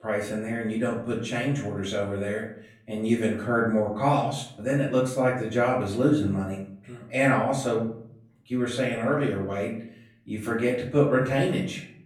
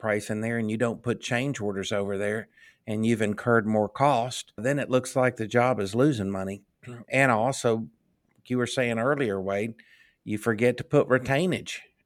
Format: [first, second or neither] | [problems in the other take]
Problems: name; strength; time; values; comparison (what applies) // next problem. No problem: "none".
second | off-mic speech; far // room echo; noticeable; dies away in 0.5 s